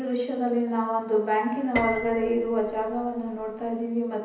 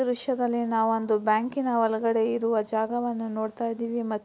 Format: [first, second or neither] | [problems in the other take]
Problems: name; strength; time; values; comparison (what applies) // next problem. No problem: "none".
second | background sound (Piano); 11 dB below the speech // room echo; dies away in 0.9 s